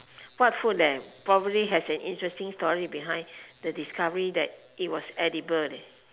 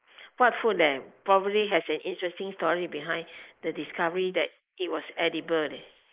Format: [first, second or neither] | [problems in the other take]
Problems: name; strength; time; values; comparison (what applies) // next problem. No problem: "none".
first | noise reduction (neural mask model Resemble Enhance denoiser)